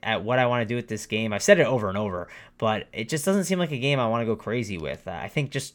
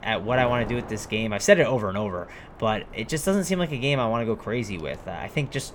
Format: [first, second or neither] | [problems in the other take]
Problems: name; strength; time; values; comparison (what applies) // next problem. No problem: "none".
first | wind noise on the microphone; occasional gusts; 20 dB below the speech